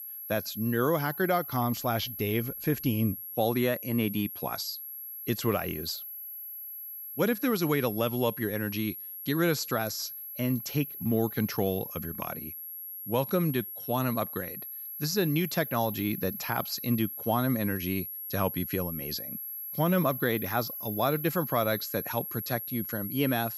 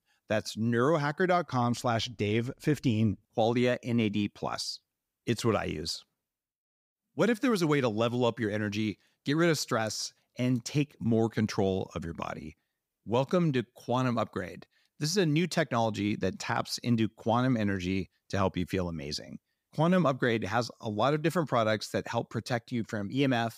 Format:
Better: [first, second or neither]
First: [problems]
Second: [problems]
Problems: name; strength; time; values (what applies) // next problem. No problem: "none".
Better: second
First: high-pitched whine; loud; throughout; 11.5 kHz, 7 dB below the speech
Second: none